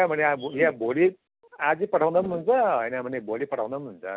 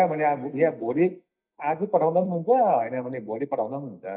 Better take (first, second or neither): first